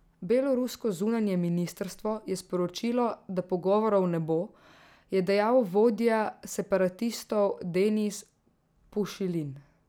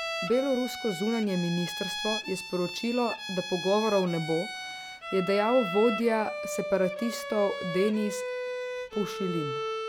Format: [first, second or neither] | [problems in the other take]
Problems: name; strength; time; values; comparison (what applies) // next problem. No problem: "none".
first | background sound (Bowed string instrument); 7 dB below the speech